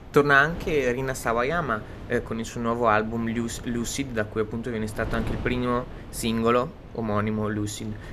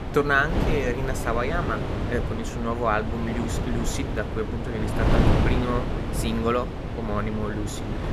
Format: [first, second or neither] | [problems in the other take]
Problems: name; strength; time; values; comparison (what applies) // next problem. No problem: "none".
first | wind noise on the microphone; heavy; 5 dB below the speech; occasional gusts in the first